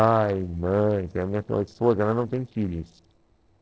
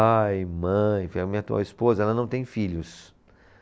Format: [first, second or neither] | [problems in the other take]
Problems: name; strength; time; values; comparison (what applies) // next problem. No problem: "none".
second | noise reduction (neural separator model SepFormer DNS4)